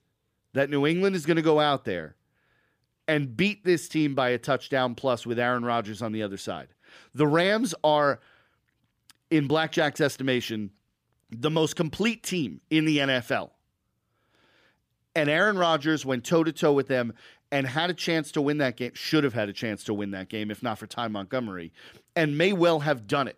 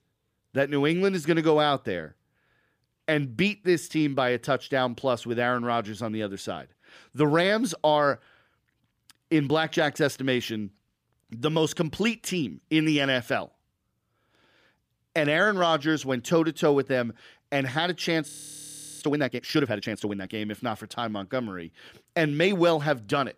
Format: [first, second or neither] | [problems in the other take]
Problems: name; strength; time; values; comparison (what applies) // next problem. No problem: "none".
first | audio freezing; at 18 s for 0.5 s